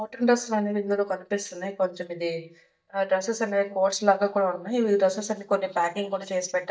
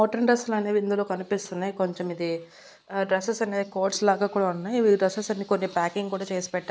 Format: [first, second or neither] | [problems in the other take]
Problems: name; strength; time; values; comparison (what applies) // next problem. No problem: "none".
second | noise reduction (neural mask model DeepFilterNet 3)